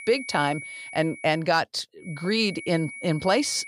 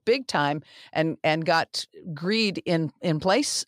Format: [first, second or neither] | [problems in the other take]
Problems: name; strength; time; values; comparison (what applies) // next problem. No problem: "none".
second | high-pitched whine; noticeable; until 1.5 s and from 2 s on; 2 kHz, 15 dB below the speech